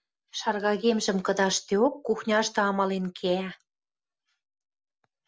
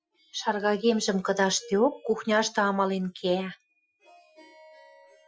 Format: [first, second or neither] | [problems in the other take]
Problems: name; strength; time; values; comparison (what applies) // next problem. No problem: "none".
first | noise reduction (classical method Wiener filter)